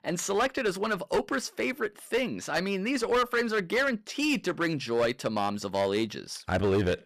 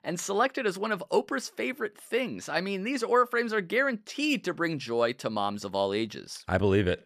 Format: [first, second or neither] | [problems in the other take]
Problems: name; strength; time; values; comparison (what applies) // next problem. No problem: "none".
second | distortion; slight; 8% of the sound clipped